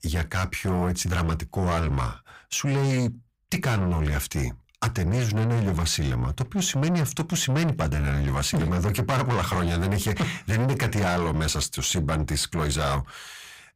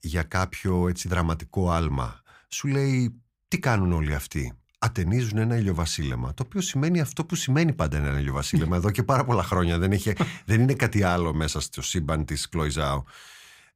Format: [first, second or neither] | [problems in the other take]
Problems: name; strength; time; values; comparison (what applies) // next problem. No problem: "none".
second | distortion; heavy; 6 dB below the speech